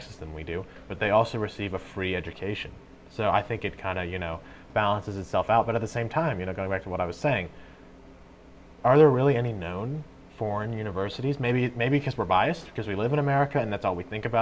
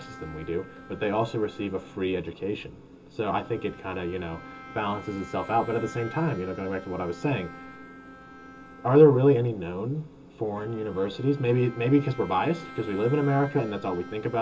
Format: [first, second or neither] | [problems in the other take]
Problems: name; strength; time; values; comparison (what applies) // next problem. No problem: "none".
first | background sound (Bowed string instrument); 19 dB below the speech // room echo; dies away in 0.2 s